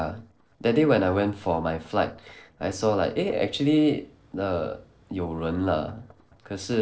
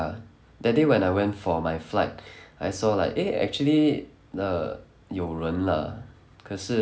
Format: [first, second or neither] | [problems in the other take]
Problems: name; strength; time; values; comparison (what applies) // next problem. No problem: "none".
second | noise reduction (neural separator model SepFormer DNS4)